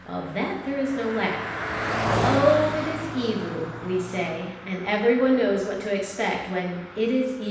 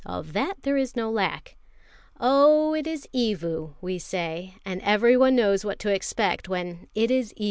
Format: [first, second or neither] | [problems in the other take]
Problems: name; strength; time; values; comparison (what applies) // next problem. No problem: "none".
second | background sound (Car passing by); 6 dB below the speech // room echo; dies away in 0.9 s